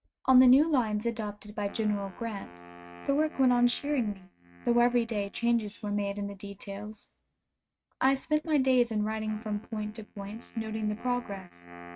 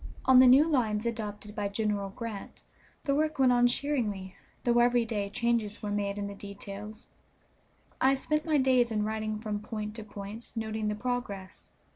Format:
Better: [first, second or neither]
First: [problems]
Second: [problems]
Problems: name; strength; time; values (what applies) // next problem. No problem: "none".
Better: second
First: noise reduction (neural mask model RNNoise)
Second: none